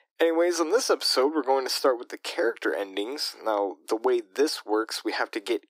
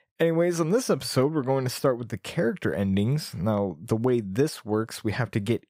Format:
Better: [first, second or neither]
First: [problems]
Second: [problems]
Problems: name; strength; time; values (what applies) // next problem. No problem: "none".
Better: second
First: thin; very; fading below 300 Hz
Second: none